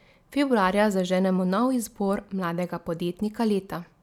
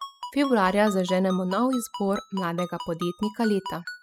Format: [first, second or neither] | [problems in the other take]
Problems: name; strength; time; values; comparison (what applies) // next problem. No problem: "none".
first | noise reduction (classical method spectral subtraction)